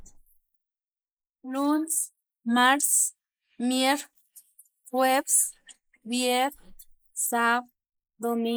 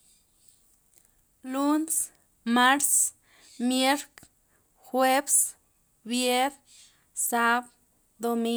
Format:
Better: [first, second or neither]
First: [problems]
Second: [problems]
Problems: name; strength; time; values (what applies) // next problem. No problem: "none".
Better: second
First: noise reduction (neural mask model Resemble Enhance denoiser)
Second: none